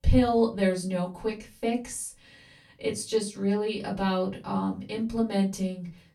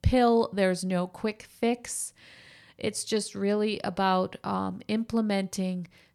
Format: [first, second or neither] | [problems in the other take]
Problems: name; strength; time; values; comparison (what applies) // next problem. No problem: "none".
second | off-mic speech; far // room echo; very slight; dies away in 0.2 s